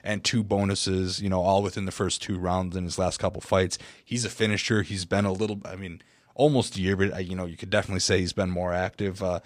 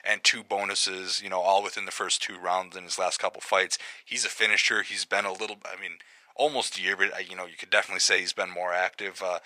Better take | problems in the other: first | thin; very; fading below 750 Hz

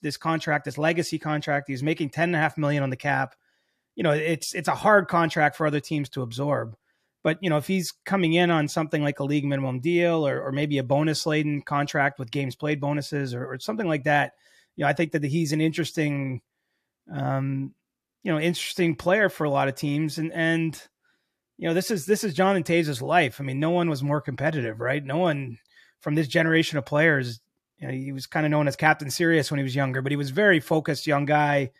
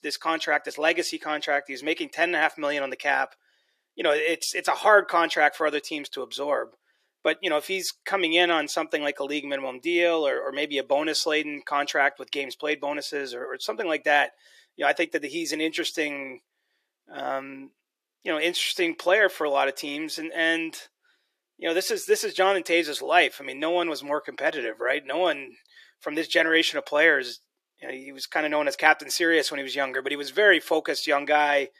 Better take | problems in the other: first | thin; very; fading below 400 Hz

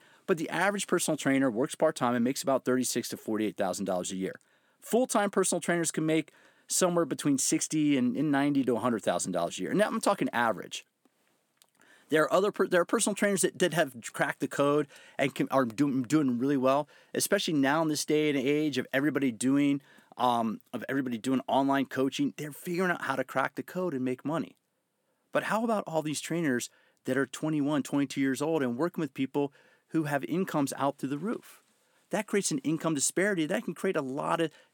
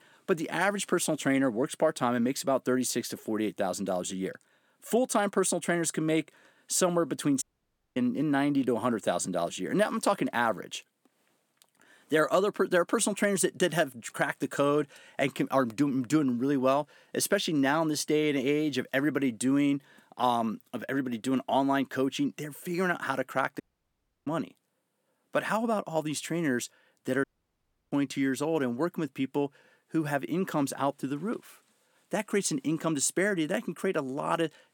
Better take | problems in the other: first | audio cutting out; at 7.5 s for 0.5 s, at 24 s for 0.5 s and at 27 s for 0.5 s

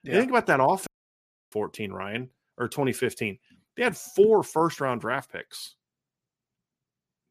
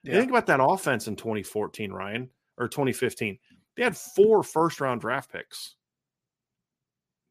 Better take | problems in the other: second | audio cutting out; at 1 s for 0.5 s

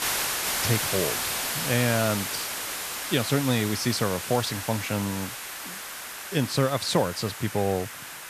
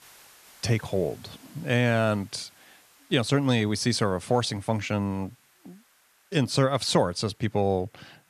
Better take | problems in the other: second | hiss; loud; throughout; 3 dB below the speech; faint in the second

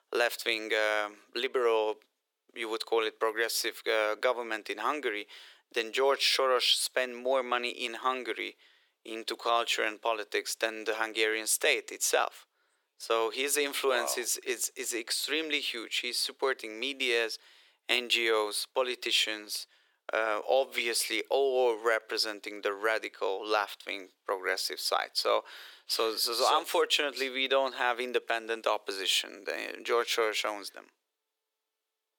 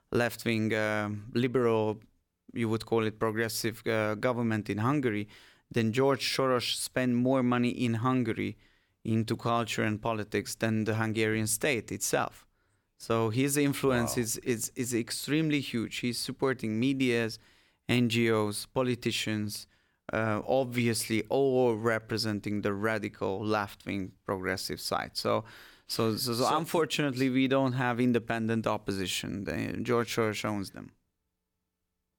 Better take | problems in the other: second | thin; very; fading below 400 Hz

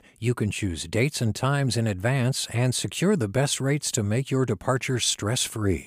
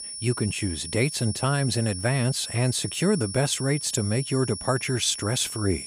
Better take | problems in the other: first | high-pitched whine; loud; throughout; 10 kHz, 8 dB below the speech

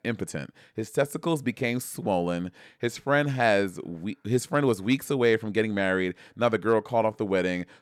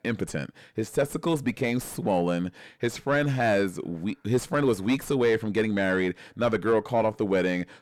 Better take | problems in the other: first | distortion; slight; 10 dB below the speech

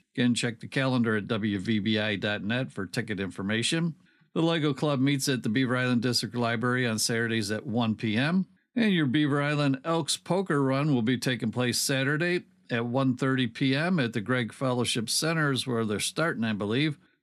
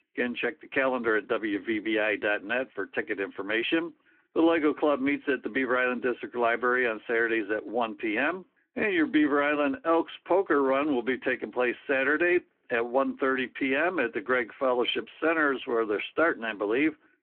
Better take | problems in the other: first | phone-call audio

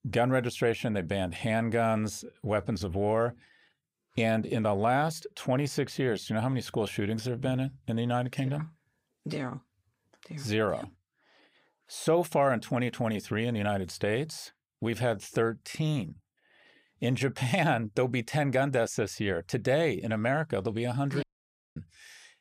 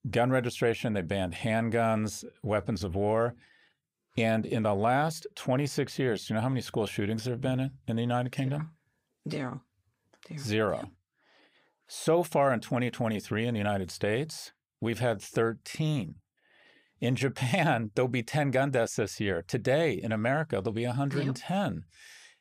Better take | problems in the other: second | audio cutting out; at 21 s for 0.5 s

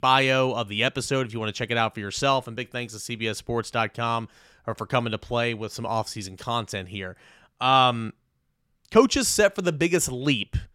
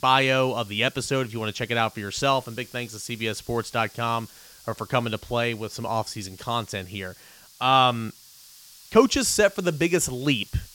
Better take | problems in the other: first | hiss; faint; throughout; 20 dB below the speech

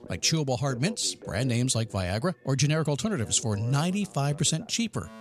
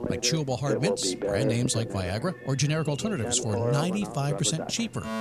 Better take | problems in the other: first | alarms or sirens; loud; throughout; 5 dB below the speech; faint in the first

